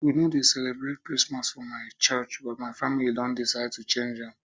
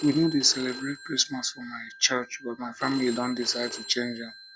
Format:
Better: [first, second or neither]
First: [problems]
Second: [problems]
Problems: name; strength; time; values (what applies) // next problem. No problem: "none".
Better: first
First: none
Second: background sound (Telephone); 14 dB below the speech